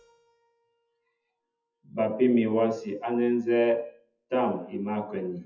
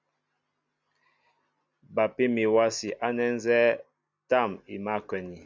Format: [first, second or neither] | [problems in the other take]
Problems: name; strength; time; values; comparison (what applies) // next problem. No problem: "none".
second | noise reduction (classical method WPE with log-MMSE)